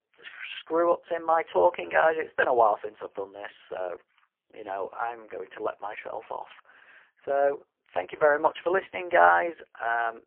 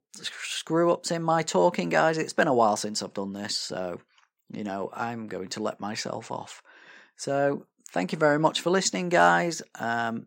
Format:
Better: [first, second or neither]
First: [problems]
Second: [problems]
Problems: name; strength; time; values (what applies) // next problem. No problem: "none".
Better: second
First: phone-call audio; poor line; nothing above 3 kHz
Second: none